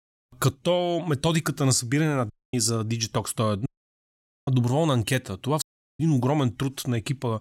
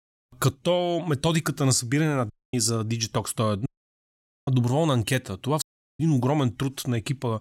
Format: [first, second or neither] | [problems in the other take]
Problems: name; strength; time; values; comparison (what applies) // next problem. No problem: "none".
neither | audio cutting out; at 2.5 s, at 3.5 s for 1 s and at 5.5 s; the same in both